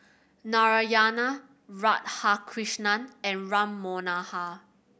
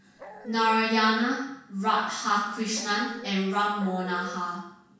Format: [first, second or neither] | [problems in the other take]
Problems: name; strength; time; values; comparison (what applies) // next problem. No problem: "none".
first | background sound (Dog); 17 dB below the speech // room echo; dies away in 0.6 s